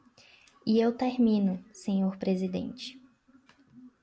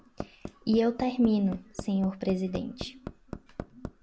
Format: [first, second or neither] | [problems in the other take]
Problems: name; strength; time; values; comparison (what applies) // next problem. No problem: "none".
first | background sound (Hammer); 12 dB below the speech